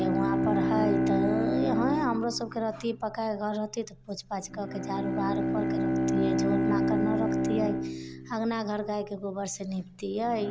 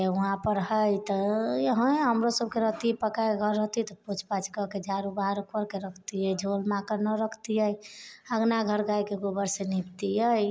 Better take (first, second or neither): second